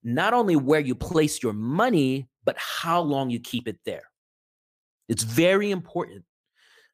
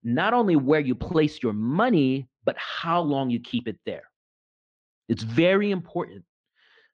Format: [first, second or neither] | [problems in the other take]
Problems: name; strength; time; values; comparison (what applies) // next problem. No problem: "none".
first | muffled; slightly; fading above 4 kHz